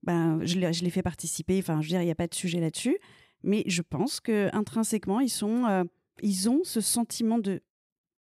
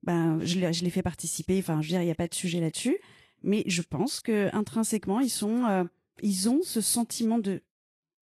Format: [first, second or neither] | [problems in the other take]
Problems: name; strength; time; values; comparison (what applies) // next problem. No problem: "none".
first | garbled, watery; slightly; nothing above 12 kHz